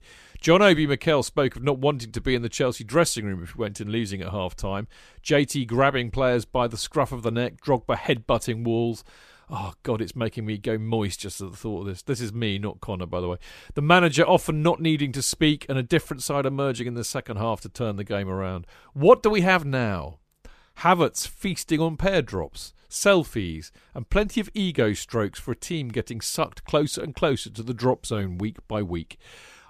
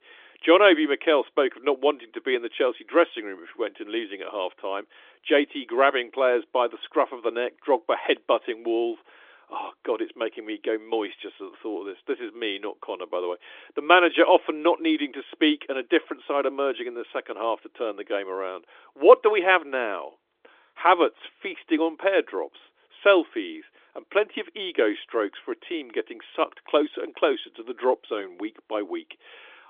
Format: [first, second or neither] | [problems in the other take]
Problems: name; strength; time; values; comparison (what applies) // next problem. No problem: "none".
first | phone-call audio; nothing above 3.5 kHz